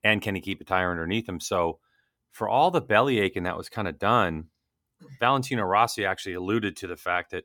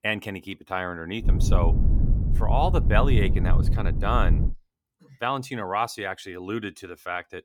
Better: first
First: none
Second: low rumble; loud; from 1.5 to 4.5 s; 10 dB below the speech

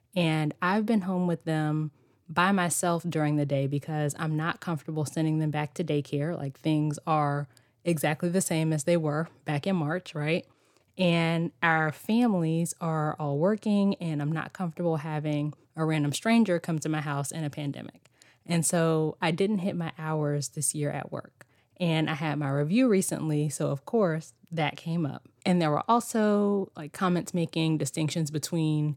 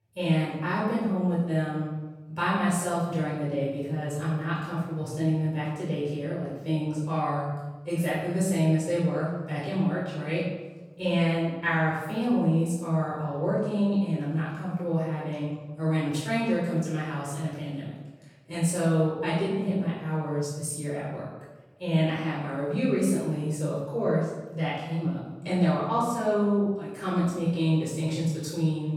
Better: first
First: none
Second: room echo; strong; dies away in 1 s // off-mic speech; far

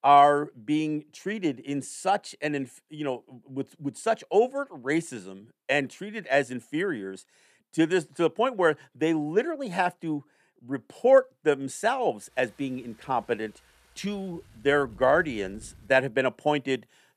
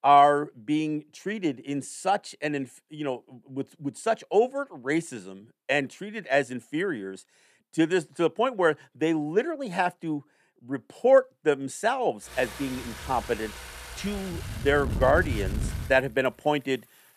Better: first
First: traffic noise; faint; from 12 s on; 30 dB below the speech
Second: traffic noise; loud; from 12 s on; 8 dB below the speech

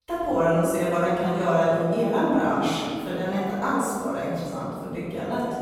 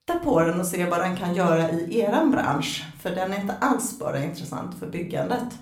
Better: second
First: room echo; strong; dies away in 2.6 s // off-mic speech; far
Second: room echo; slight; dies away in 0.4 s // off-mic speech; somewhat distant

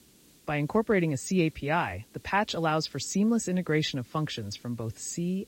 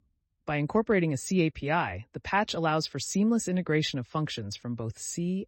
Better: second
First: hiss; faint; throughout; 30 dB below the speech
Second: none

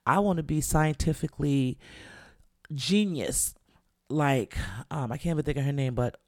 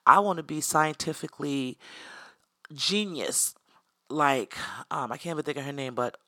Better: first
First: none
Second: thin; somewhat; fading below 300 Hz

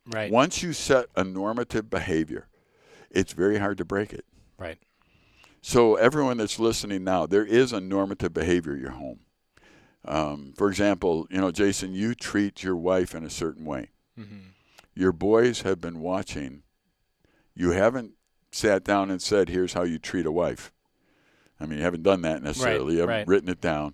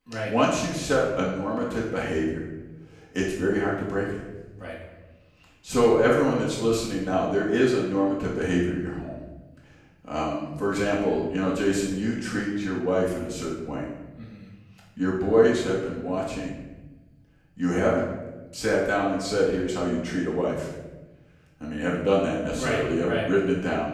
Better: first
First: none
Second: room echo; noticeable; dies away in 1.1 s // off-mic speech; far

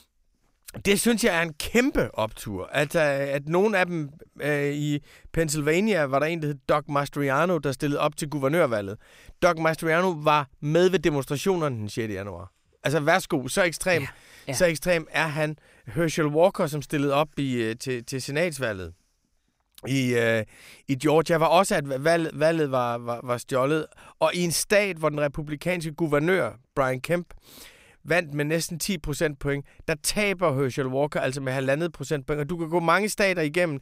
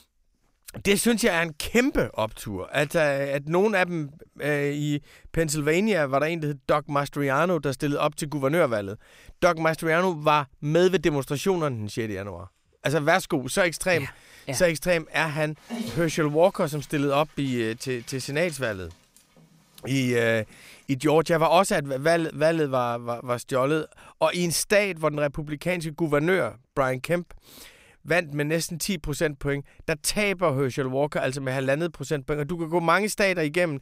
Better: first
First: none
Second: dog barking; noticeable; from 16 to 19 s; peak 9 dB below the speech

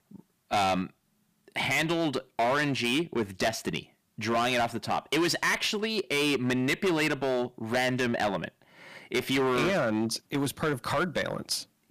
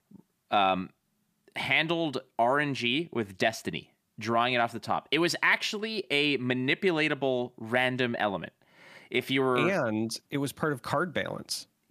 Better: second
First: distortion; heavy; 12% of the sound clipped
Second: none

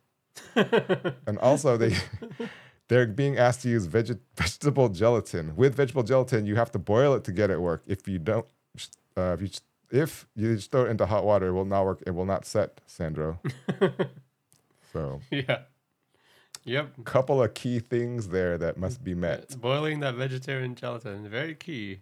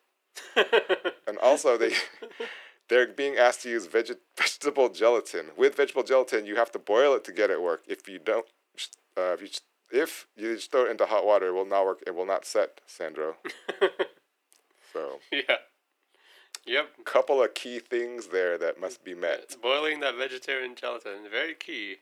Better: first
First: none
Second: thin; very; fading below 350 Hz

